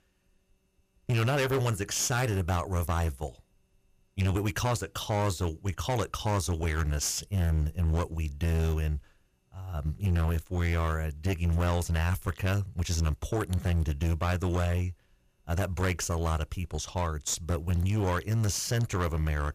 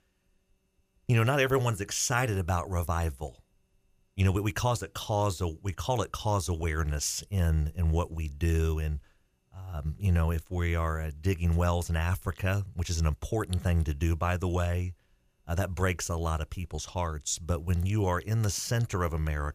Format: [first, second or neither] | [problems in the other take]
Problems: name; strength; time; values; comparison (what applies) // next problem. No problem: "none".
second | distortion; slight; 16% of the sound clipped